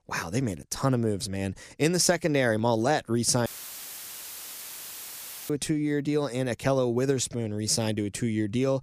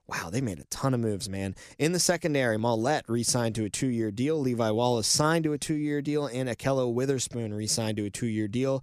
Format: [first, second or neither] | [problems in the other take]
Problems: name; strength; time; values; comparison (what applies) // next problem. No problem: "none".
second | audio cutting out; filled with static; at 3.5 s for 2 s